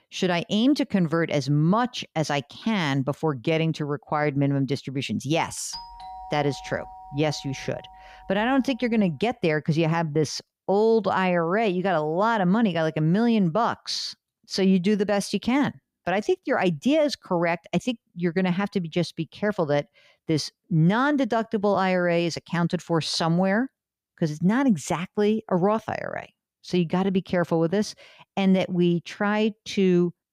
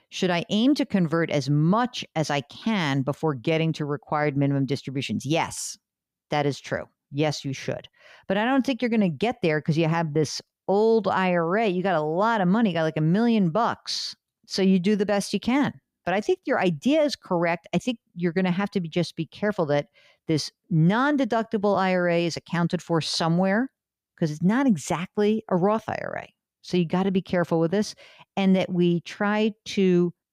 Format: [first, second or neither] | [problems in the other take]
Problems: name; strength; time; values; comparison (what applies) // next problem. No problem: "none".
second | doorbell; faint; from 5.5 to 8.5 s; peak 15 dB below the speech